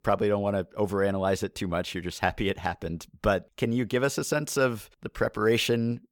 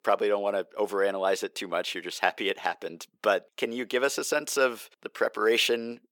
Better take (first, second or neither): first